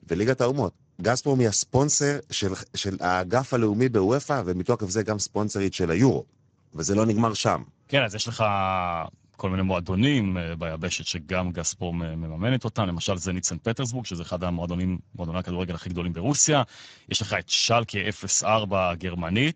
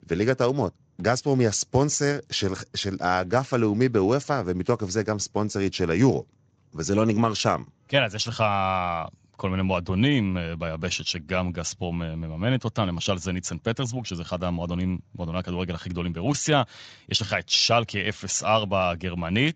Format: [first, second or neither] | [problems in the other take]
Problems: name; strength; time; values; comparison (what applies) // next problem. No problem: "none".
second | garbled, watery; badly; nothing above 7.5 kHz; slightly in the second